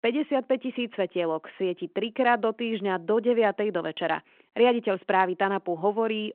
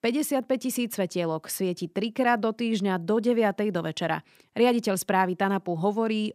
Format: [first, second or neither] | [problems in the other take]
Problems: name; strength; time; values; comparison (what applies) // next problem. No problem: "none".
second | phone-call audio